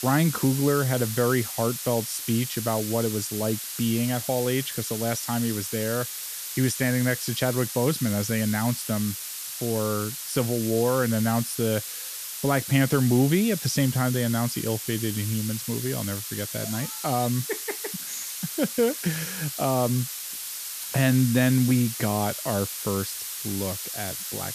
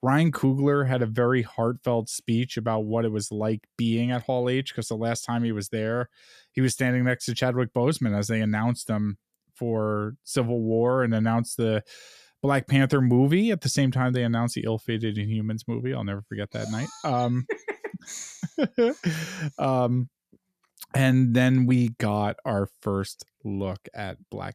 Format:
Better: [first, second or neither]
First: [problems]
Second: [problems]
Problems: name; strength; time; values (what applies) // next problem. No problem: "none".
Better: second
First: hiss; loud; throughout; 6 dB below the speech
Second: none